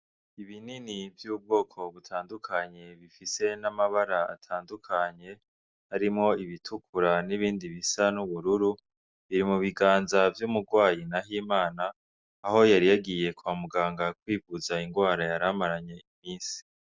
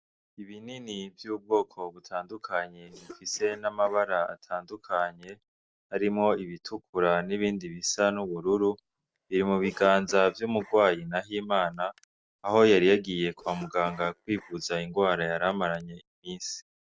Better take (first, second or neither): first